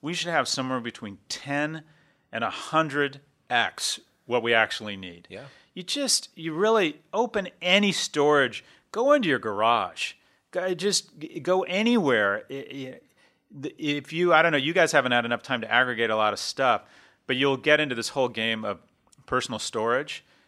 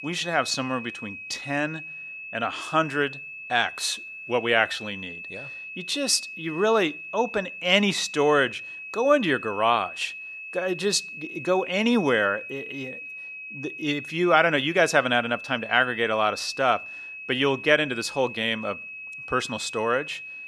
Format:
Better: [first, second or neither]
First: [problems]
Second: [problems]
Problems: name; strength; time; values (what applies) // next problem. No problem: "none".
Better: first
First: none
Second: high-pitched whine; noticeable; throughout; 2.5 kHz, 10 dB below the speech